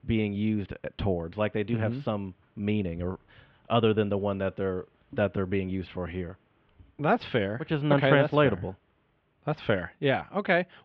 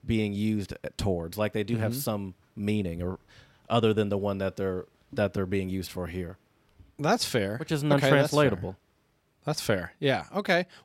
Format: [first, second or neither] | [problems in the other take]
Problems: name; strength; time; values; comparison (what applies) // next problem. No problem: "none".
second | muffled; very; fading above 3 kHz